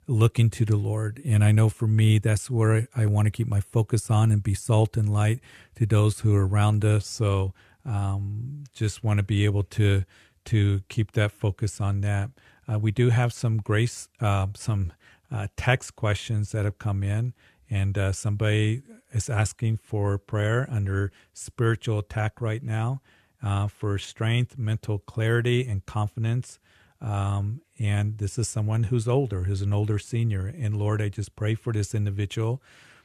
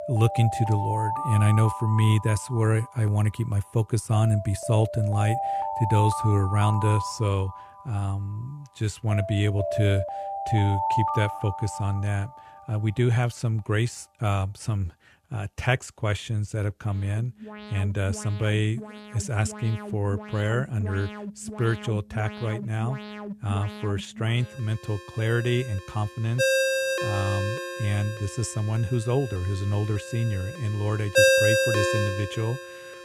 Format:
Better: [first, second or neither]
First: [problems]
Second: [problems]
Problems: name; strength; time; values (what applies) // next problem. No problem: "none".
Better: first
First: none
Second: alarms or sirens; loud; throughout; 3 dB below the speech